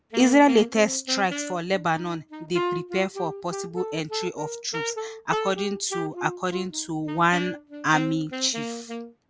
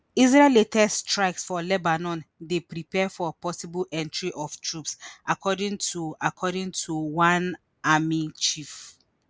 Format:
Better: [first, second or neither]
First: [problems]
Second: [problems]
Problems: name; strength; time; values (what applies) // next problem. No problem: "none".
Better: second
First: background sound (Wind instrument, woodwind instrument); 8 dB below the speech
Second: none